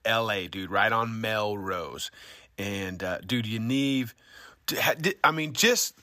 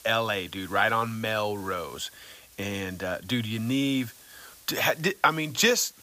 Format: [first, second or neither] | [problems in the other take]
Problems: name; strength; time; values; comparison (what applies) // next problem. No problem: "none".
first | hiss; faint; throughout; 20 dB below the speech